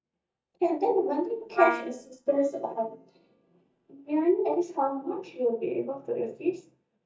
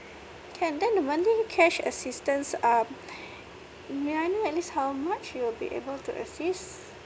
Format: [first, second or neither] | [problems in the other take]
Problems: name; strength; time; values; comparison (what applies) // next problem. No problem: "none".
second | noise reduction (neural mask model DeepFilterNet 3)